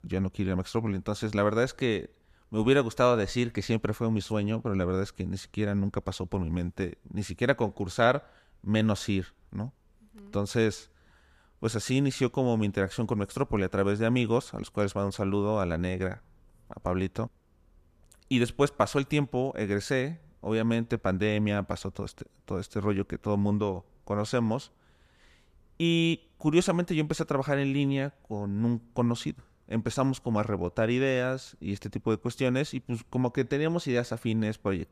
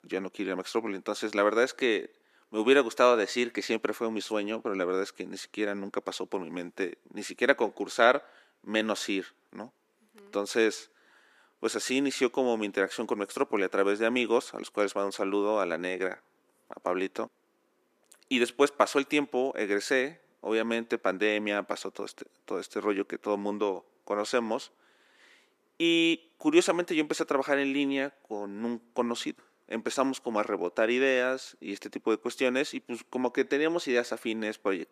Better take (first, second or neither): first